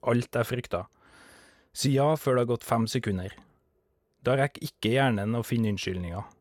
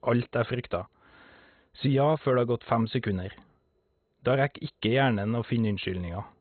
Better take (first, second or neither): first